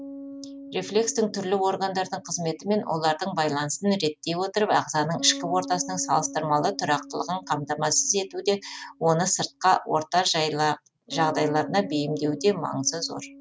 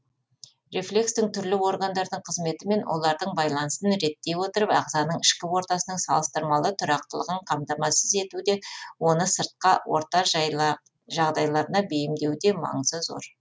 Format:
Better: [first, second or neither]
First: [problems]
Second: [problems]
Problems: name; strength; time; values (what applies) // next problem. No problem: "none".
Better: second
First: background sound (Bass guitar); 16 dB below the speech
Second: none